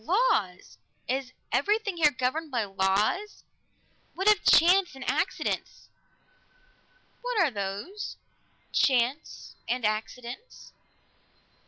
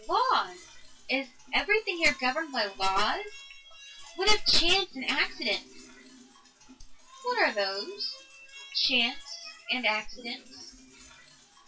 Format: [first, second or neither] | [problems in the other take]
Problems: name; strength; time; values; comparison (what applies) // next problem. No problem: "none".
first | noise reduction (classical method WPE with log-MMSE)